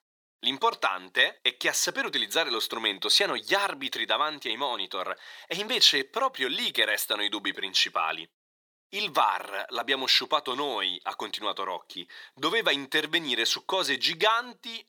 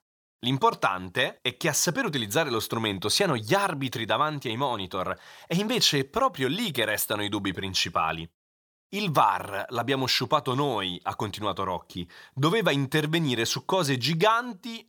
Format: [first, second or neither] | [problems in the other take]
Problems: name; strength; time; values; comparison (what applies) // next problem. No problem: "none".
second | thin; somewhat; fading below 300 Hz